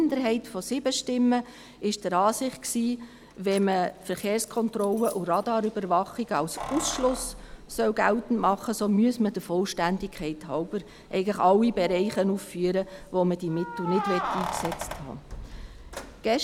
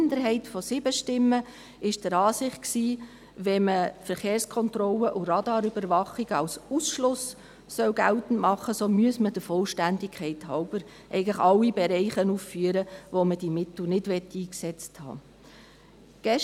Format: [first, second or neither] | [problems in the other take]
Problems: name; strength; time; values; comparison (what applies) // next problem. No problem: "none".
second | background sound (Keys jangling); 13 dB below the speech